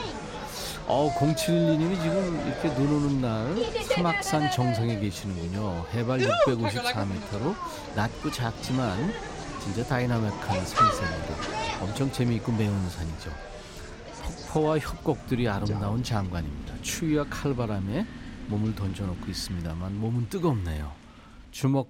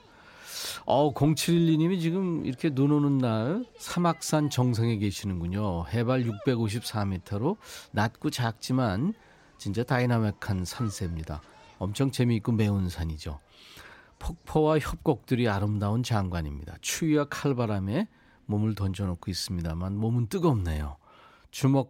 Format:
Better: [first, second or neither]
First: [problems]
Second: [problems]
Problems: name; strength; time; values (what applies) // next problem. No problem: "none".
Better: second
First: animal sounds; loud; throughout; 4 dB below the speech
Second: animal sounds; faint; throughout; 30 dB below the speech